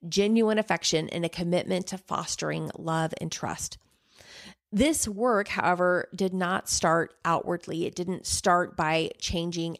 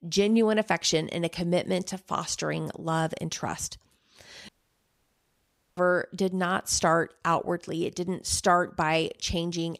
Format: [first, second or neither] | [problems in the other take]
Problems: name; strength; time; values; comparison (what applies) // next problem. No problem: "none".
first | audio cutting out; at 4.5 s for 1.5 s